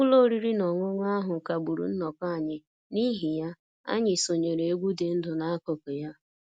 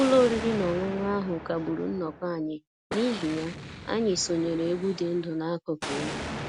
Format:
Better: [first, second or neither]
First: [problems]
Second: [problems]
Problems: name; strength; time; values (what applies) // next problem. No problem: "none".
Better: first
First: none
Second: background sound (Explosion); 10 dB below the speech